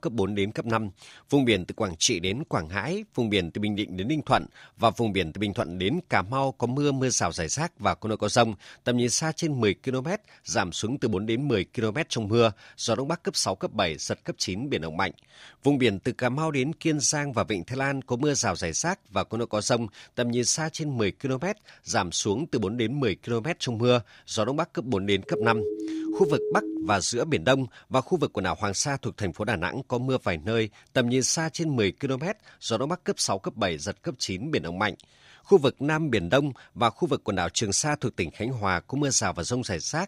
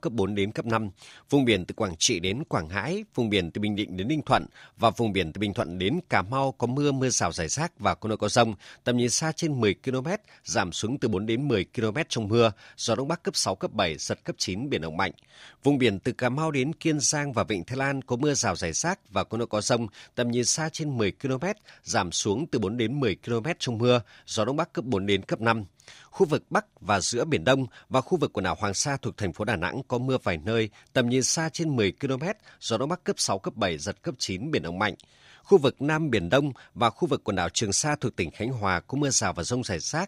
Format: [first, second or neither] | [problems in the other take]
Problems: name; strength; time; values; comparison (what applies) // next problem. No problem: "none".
second | siren; noticeable; from 25 to 27 s; peak 3 dB below the speech